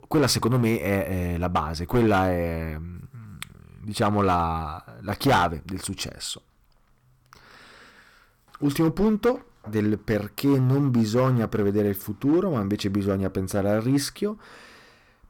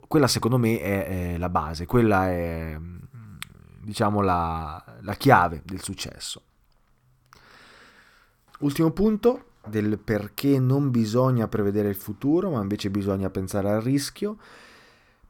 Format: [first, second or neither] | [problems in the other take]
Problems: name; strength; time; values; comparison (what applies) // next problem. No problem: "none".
second | distortion; slight; 4% of the sound clipped